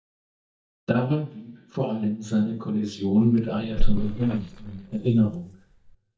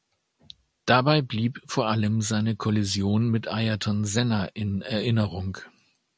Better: second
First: noise reduction (neural mask model DeepFilterNet 3)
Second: none

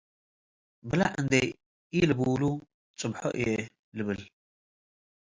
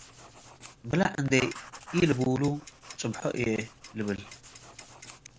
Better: first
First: none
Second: background sound (Clock + Writing); 16 dB below the speech

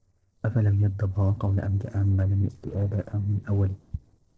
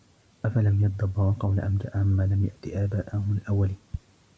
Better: second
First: noise reduction (neural separator model SepFormer DNS4)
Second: none

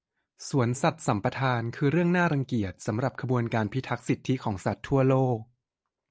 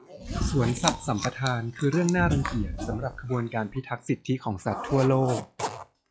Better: first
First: none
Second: noise reduction (classical method log-MMSE)

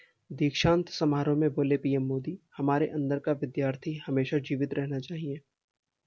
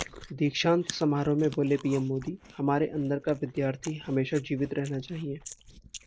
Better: first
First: none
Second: noise reduction (neural mask model Resemble Enhance denoiser)

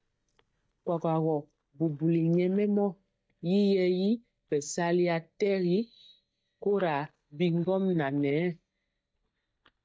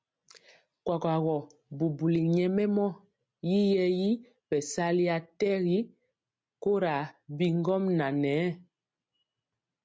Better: second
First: noise reduction (neural mask model DeepFilterNet 3)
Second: none

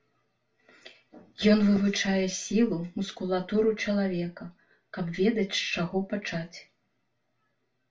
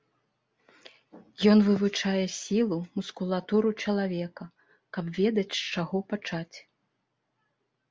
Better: second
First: room echo; dies away in 0.2 s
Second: none

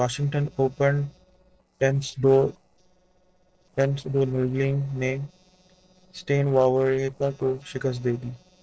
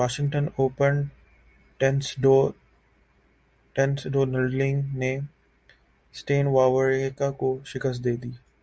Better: second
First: noise reduction (neural separator model SepFormer DNS4)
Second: none

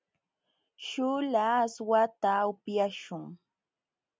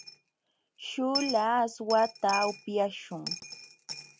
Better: first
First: none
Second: background sound (Coin (dropping)); 10 dB below the speech

